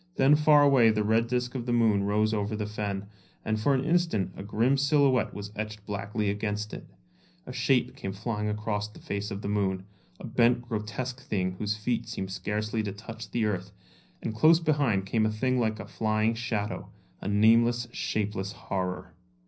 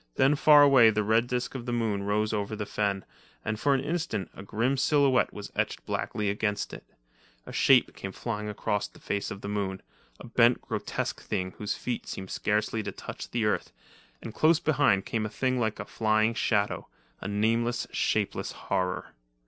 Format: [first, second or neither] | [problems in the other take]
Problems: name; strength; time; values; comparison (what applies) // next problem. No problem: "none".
second | room echo; dies away in 0.5 s